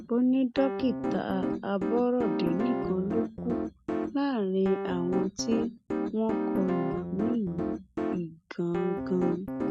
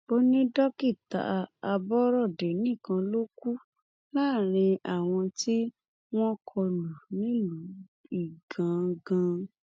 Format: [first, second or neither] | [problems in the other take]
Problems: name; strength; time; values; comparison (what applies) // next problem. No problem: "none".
second | background sound (Piano); 2 dB below the speech